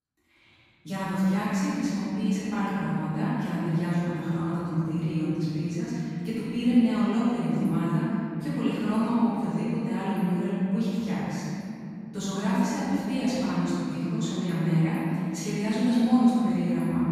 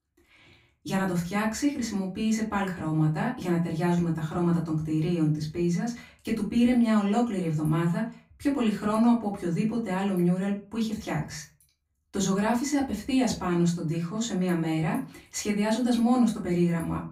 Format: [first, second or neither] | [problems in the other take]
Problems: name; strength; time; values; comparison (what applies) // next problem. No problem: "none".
second | room echo; strong; dies away in 3 s; slight in the second // off-mic speech; far; far in the second